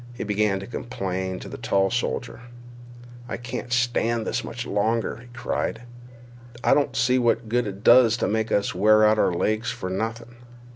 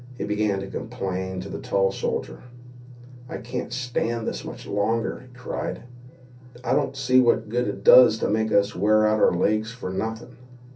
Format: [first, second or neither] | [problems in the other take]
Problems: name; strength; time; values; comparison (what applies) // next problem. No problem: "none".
first | room echo; dies away in 0.3 s